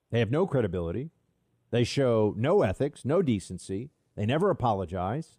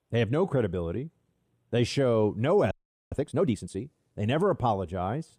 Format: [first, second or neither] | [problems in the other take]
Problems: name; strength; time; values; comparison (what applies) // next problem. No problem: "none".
first | audio freezing; at 2.5 s